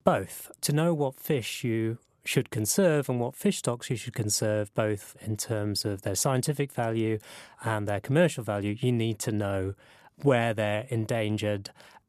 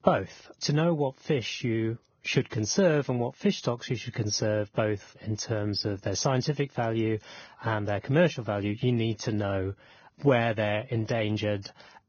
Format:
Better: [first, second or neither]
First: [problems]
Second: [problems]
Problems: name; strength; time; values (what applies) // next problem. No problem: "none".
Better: first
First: none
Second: garbled, watery; badly; nothing above 6.5 kHz